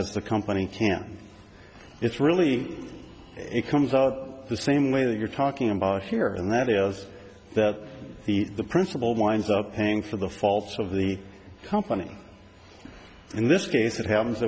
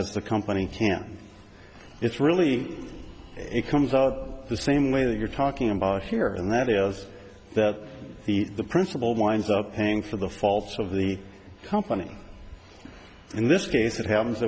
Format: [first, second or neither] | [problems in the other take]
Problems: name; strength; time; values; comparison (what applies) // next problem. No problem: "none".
first | background sound (Wind); 20 dB below the speech